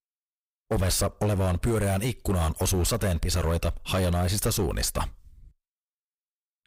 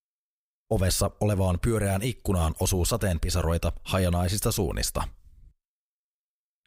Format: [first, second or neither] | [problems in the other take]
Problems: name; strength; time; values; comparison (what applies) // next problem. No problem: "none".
second | distortion; slight; 13% of the sound clipped